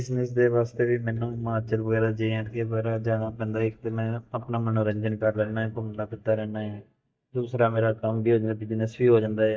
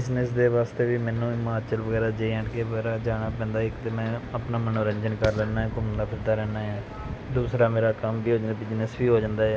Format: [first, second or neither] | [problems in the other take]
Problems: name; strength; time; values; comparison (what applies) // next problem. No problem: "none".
second | noise reduction (neural mask model DeepFilterNet 3)